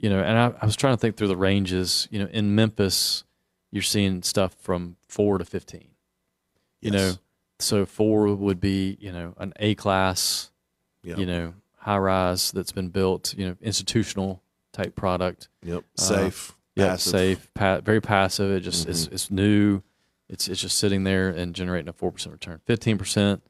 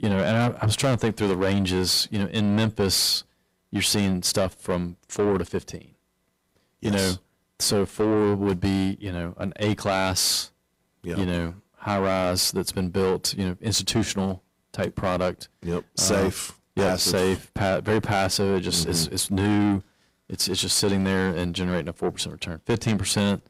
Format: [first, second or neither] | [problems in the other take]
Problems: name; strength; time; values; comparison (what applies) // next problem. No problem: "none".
first | distortion; heavy; 7 dB below the speech